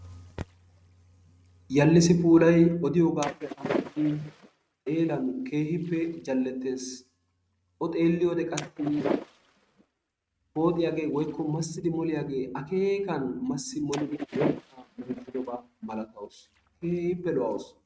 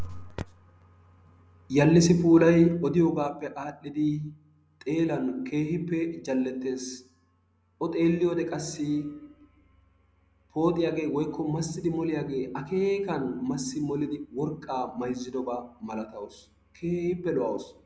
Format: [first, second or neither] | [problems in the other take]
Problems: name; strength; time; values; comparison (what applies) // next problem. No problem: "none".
second | noise reduction (neural mask model RNNoise)